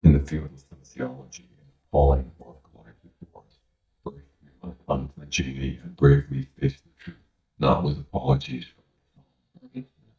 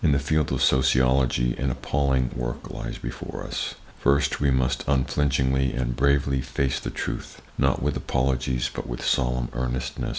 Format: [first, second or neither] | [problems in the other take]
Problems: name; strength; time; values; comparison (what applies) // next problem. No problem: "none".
second | noise reduction (neural mask model DeepFilterNet 3)